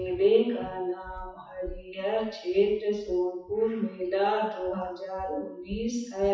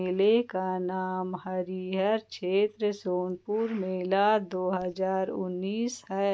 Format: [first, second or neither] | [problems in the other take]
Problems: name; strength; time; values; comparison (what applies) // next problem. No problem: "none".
second | noise reduction (classical method WPE with log-MMSE)